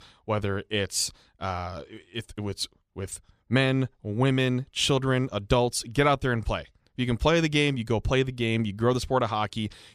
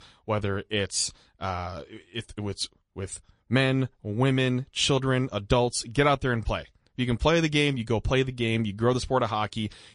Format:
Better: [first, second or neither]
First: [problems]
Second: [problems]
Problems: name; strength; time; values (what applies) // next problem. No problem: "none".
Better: first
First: none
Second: garbled, watery; slightly; nothing above 10.5 kHz